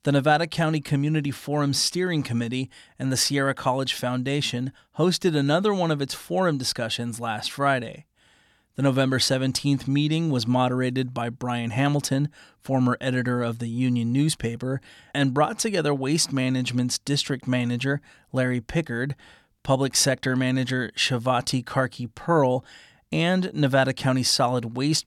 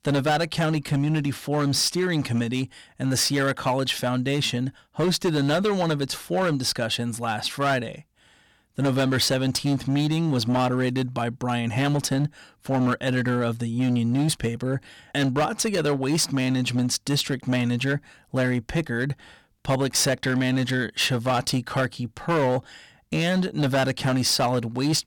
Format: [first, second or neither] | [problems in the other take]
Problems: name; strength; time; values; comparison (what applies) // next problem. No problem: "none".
first | distortion; slight; 11% of the sound clipped